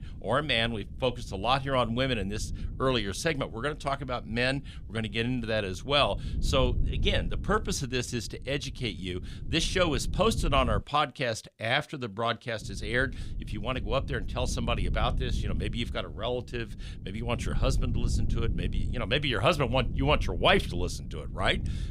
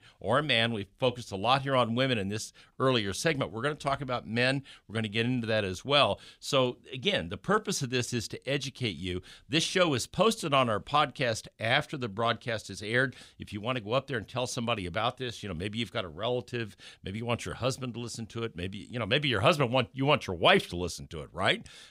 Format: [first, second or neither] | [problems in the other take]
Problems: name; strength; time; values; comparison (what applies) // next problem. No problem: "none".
second | low rumble; faint; until 11 s and from 13 s on; 20 dB below the speech